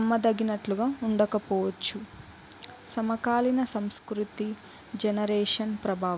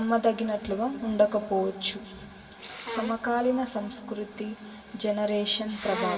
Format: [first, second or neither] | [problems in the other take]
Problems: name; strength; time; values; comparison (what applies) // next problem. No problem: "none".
first | background sound (Sneeze); 14 dB below the speech // room echo; dies away in 2.6 s